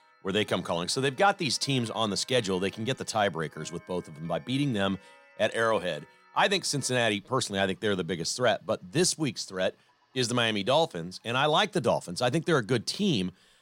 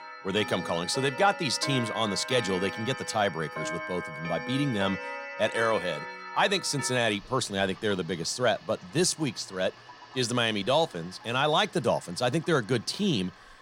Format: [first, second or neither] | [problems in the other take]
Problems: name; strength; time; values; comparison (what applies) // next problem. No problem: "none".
first | household noises; loud; throughout; 9 dB below the speech; faint in the first